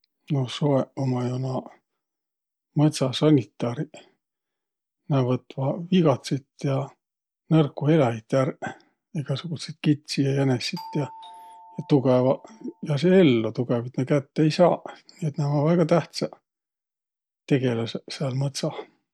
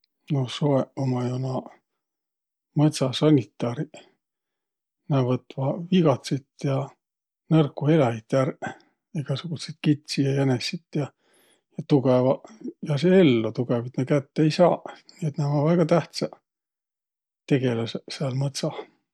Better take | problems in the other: second | background sound (Doorbell); 20 dB below the speech

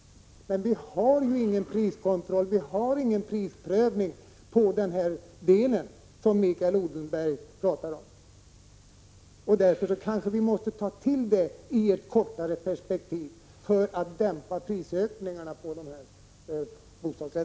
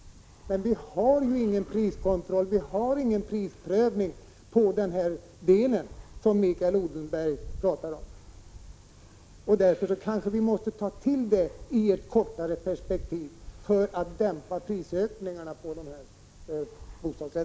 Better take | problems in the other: first | background sound (Fixed-wing aircraft, airplane); 19 dB below the speech

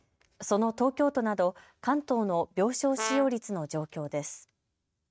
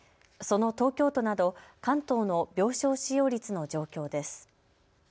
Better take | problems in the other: second | noise reduction (neural mask model RNNoise)

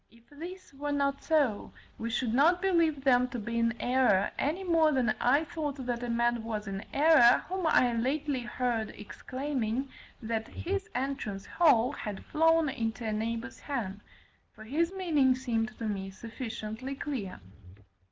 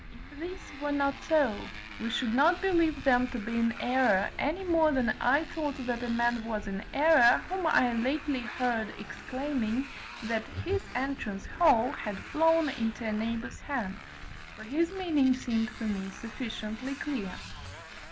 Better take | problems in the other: first | background sound (Motorcycle); 13 dB below the speech

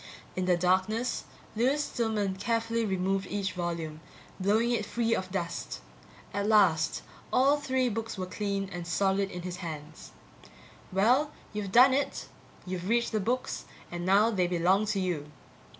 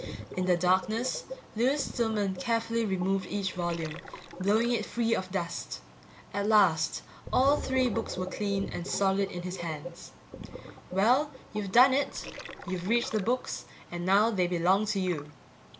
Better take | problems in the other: first | background sound (Gurgling); 13 dB below the speech

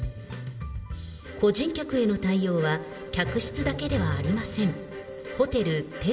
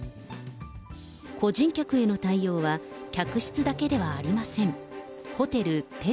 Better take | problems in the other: second | room echo; dies away in 2.1 s

